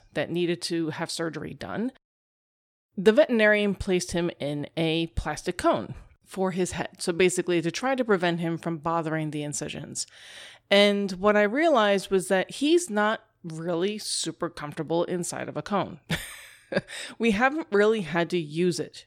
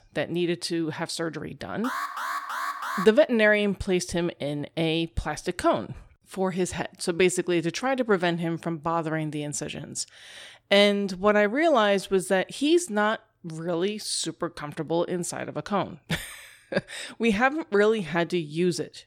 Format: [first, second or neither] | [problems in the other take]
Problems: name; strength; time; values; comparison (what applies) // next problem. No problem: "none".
first | alarm; noticeable; from 2 to 3 s; peak 4 dB below the speech